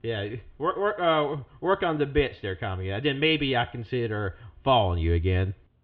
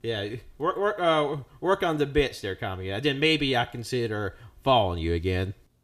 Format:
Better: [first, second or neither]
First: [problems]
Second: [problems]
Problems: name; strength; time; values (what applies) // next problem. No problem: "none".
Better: second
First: muffled; very; fading above 3 kHz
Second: none